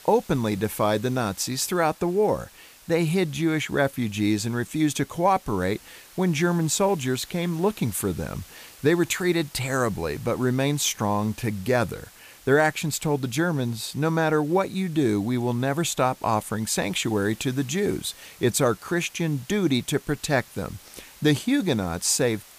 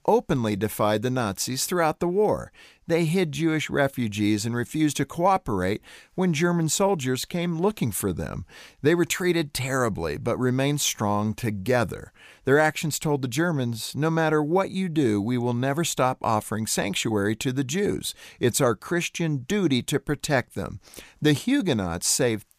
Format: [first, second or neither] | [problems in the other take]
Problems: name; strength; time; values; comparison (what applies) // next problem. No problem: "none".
second | hiss; faint; throughout; 25 dB below the speech